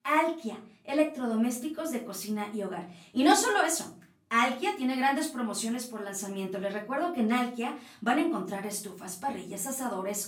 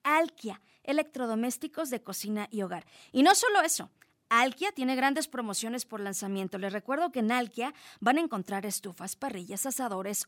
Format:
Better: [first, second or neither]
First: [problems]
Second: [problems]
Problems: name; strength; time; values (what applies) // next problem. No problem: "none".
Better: second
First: off-mic speech; far // room echo; slight; dies away in 0.4 s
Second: none